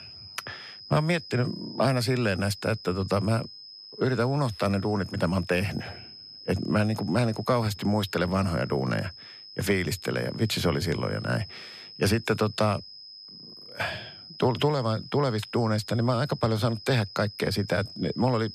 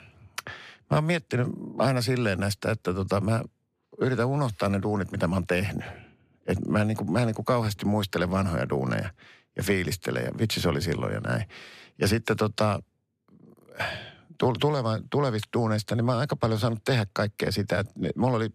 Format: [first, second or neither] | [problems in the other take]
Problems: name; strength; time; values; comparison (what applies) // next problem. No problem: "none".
second | high-pitched whine; noticeable; throughout; 5 kHz, 15 dB below the speech